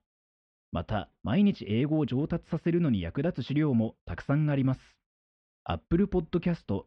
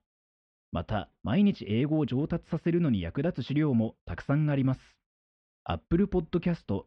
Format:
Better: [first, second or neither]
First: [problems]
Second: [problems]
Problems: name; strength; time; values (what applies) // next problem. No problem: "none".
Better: neither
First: muffled; very; fading above 3 kHz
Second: muffled; very; fading above 3 kHz